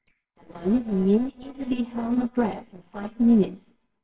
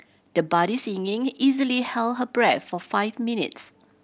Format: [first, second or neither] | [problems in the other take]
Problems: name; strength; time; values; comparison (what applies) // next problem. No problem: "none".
second | noise reduction (neural separator model SepFormer WHAMR!)